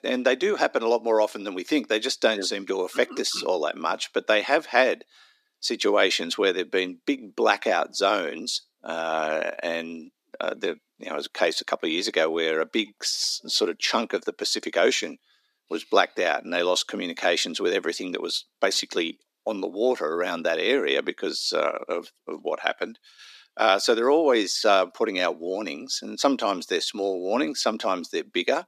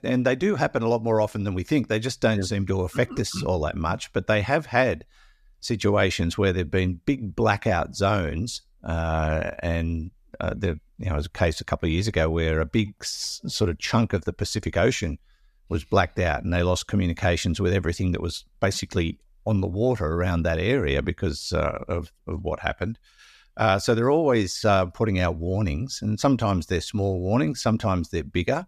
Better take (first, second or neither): second